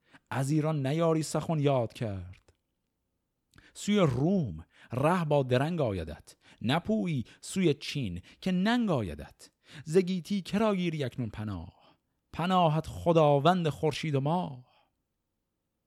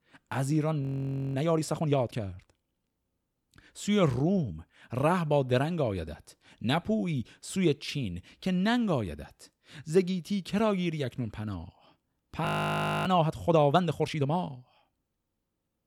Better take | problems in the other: first | audio freezing; at 1 s for 0.5 s and at 12 s for 0.5 s

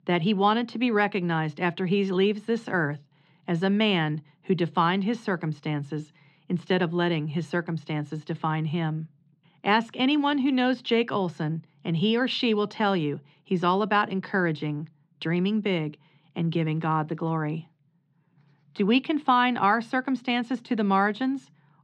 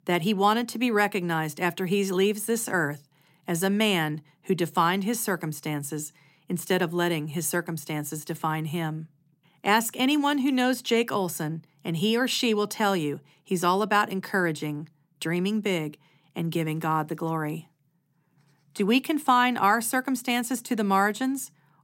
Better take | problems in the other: second | muffled; slightly; fading above 4 kHz

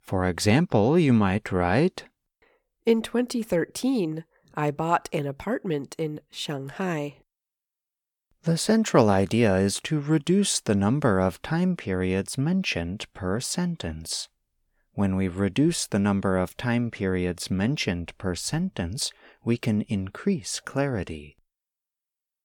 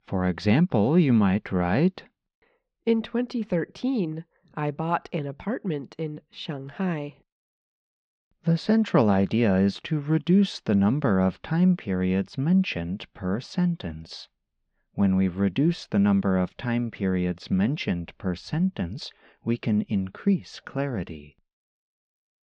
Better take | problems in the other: first | muffled; very slightly; fading above 4.5 kHz

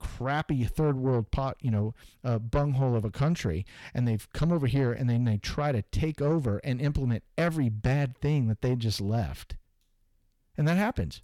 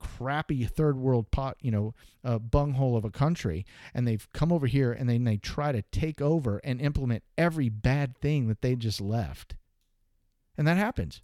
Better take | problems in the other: second | distortion; slight; 10 dB below the speech

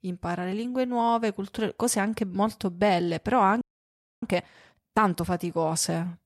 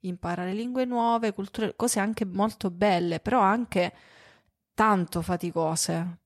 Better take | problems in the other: second | audio freezing; at 3.5 s for 0.5 s

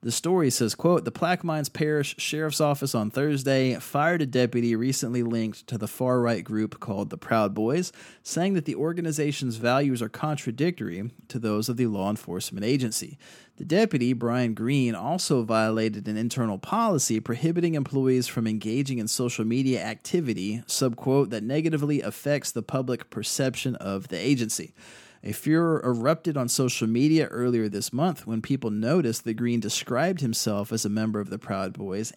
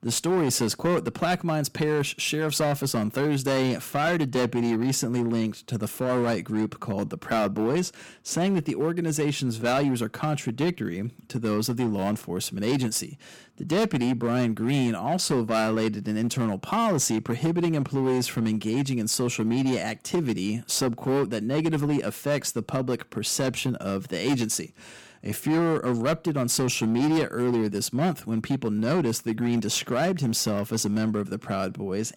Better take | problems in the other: first | distortion; slight; 11% of the sound clipped

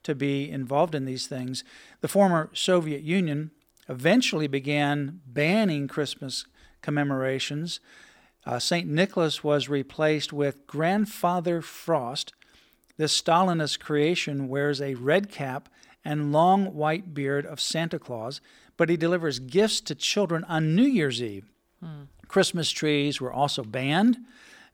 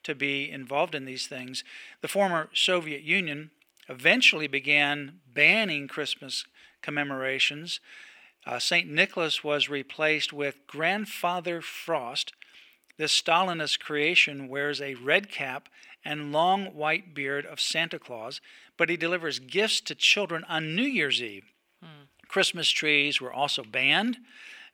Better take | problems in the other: first | thin; very slightly; fading below 850 Hz

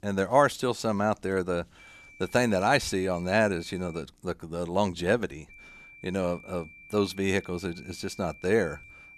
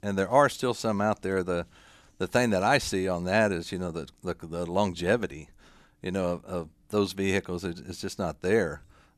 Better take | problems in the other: second | high-pitched whine; faint; from 2 to 4 s and from 5.5 s on; 2.5 kHz, 20 dB below the speech

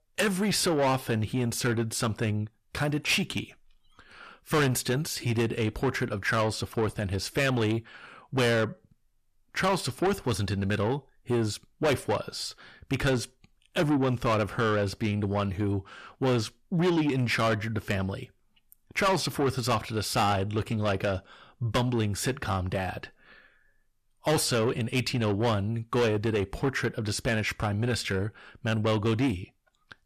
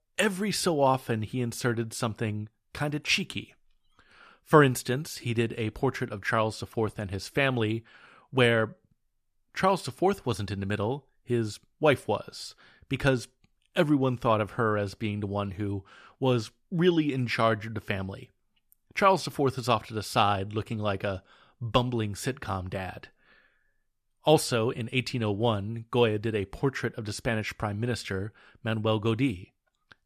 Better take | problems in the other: second | distortion; heavy; 6 dB below the speech

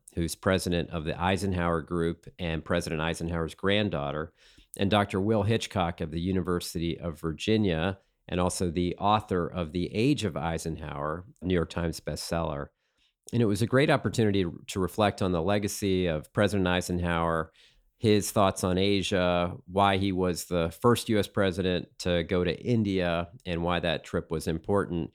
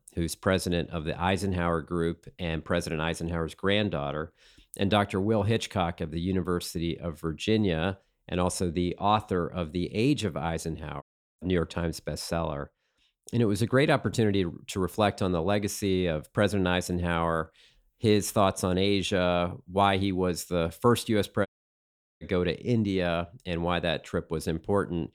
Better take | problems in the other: first | audio cutting out; at 11 s and at 21 s for 1 s

